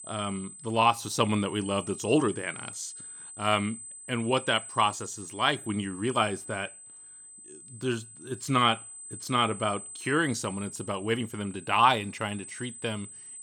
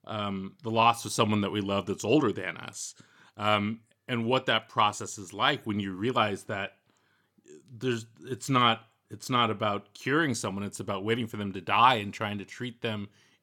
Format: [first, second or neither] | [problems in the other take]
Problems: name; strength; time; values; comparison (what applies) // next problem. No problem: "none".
second | high-pitched whine; noticeable; throughout; 8 kHz, 15 dB below the speech